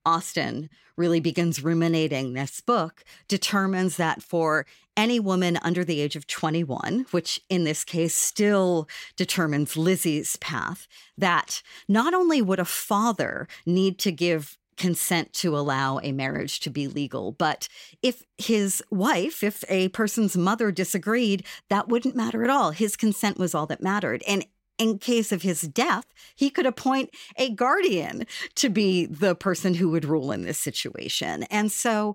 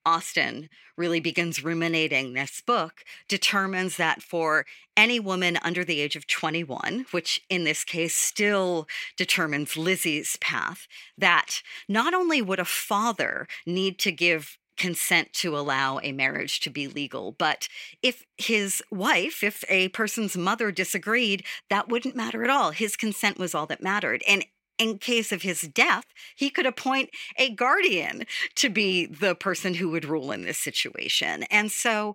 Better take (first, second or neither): first